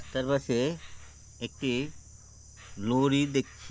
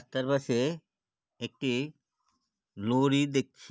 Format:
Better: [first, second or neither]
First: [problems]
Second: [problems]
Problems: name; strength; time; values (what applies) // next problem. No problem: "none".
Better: second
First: background sound (Insect); 16 dB below the speech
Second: none